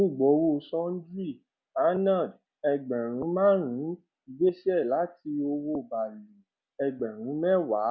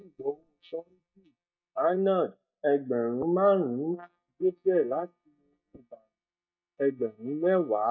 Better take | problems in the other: first | noise reduction (neural mask model DeepFilterNet 3)

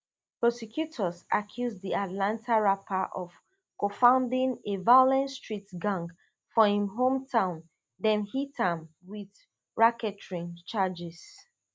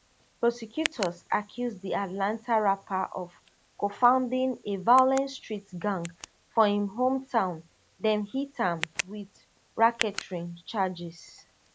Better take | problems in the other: first | background sound (Tick); 15 dB below the speech

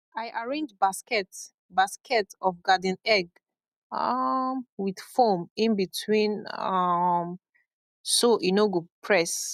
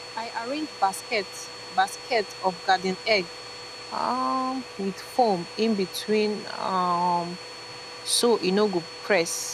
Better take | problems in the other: first | background sound (Domestic sounds, home sounds); 13 dB below the speech

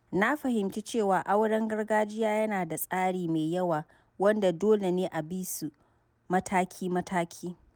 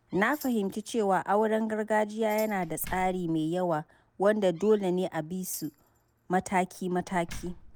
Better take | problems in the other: first | background sound (Tambourine + Slam); 19 dB below the speech

